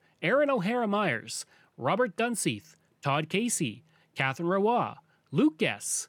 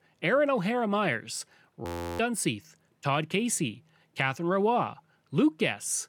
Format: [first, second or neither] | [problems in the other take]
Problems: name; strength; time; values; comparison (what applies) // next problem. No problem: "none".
first | audio freezing; at 2 s